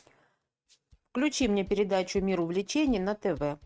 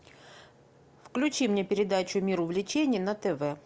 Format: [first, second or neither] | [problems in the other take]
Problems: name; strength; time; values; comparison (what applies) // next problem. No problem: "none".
second | noise reduction (neural mask model RNNoise)